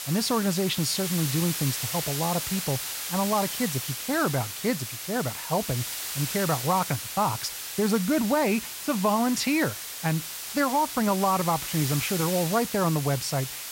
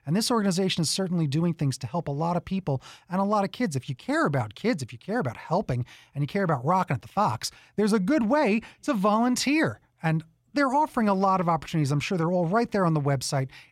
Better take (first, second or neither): second